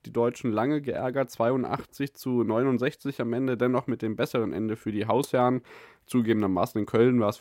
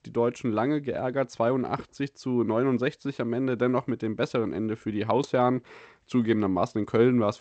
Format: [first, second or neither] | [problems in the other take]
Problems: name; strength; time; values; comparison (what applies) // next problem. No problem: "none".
first | garbled, watery; slightly; nothing above 7.5 kHz